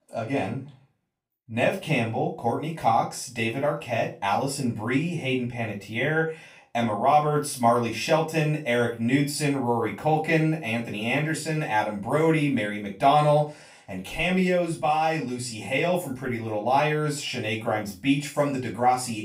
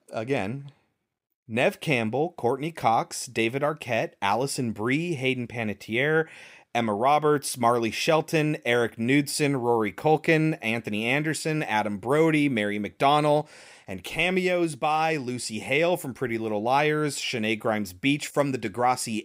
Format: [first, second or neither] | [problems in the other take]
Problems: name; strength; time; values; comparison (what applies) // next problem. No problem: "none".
second | off-mic speech; far // room echo; slight; dies away in 0.3 s